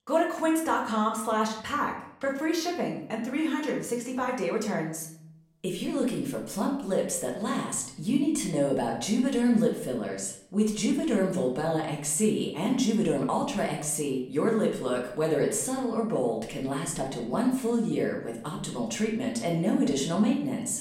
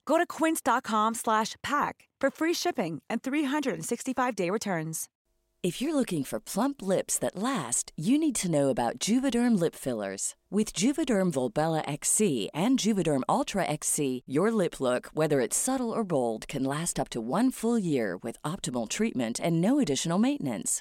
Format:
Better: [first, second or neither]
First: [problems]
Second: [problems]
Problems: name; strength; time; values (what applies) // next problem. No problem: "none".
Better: second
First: room echo; slight; dies away in 0.6 s // off-mic speech; far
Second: none